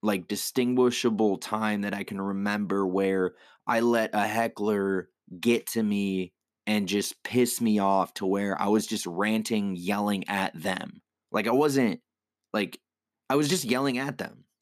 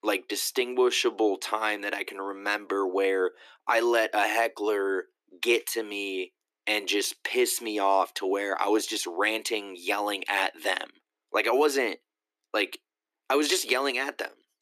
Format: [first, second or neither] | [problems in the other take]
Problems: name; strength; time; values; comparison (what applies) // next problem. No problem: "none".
first | thin; very; fading below 300 Hz